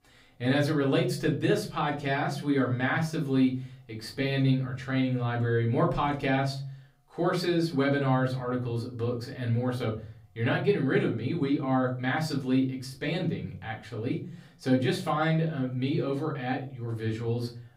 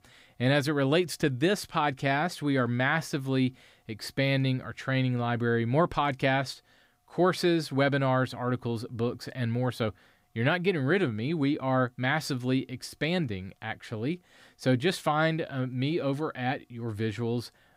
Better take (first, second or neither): second